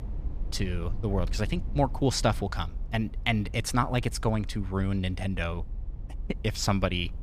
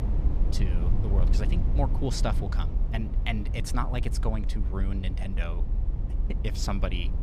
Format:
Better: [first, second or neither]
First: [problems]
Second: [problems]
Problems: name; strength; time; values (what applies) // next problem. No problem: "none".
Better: first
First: low rumble; faint; throughout; 25 dB below the speech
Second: low rumble; loud; throughout; 8 dB below the speech